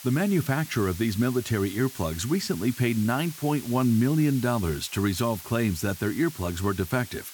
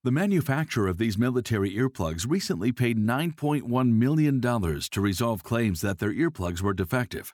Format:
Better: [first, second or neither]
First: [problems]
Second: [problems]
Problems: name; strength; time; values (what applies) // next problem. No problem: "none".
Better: second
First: hiss; very faint; throughout; 15 dB below the speech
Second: none